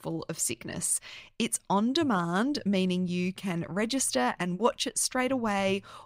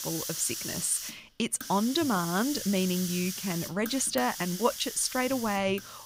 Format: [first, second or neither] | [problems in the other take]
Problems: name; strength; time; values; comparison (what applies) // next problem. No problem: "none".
first | hiss; loud; throughout; 7 dB below the speech